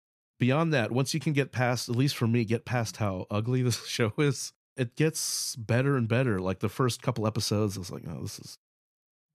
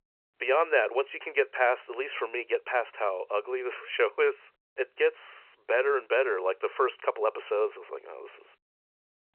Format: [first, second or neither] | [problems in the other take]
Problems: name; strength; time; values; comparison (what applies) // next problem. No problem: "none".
first | phone-call audio; nothing above 2.5 kHz